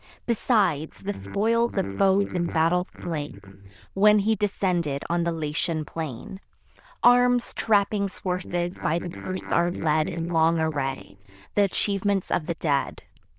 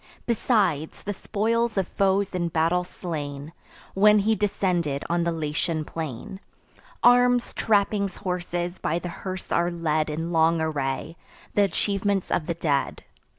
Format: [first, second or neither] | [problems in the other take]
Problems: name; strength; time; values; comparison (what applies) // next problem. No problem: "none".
second | noise reduction (neural diffusion model UNIVERSE++)